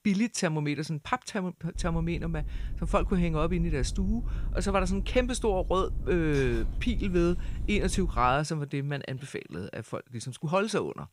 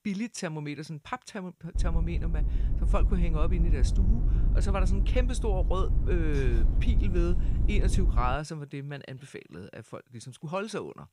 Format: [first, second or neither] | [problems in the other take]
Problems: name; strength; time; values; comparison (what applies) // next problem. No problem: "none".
first | low rumble; loud; from 2 to 8.5 s; 9 dB below the speech; faint in the first